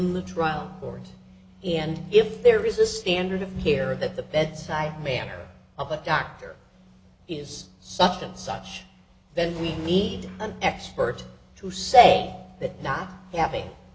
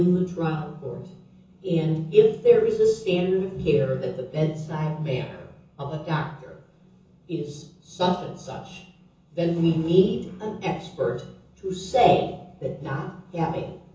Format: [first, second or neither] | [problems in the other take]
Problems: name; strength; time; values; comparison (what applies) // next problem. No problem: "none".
first | room echo; dies away in 0.6 s